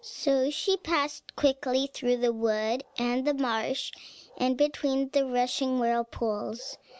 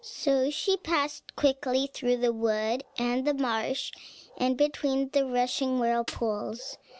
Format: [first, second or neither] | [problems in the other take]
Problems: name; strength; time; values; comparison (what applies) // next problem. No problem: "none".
first | background sound (Snare drum); 14 dB below the speech